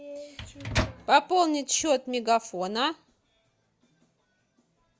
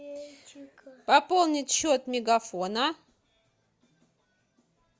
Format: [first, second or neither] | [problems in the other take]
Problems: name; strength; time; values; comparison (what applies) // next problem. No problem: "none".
second | background sound (Microwave oven); 5 dB below the speech